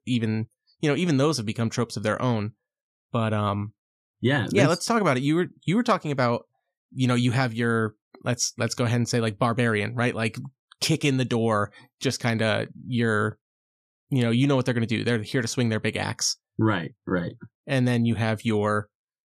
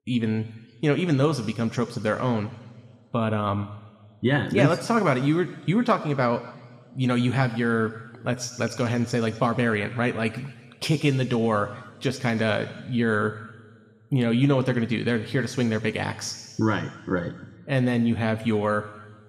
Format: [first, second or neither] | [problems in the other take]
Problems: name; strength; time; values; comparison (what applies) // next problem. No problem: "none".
first | room echo; slight; dies away in 1.6 s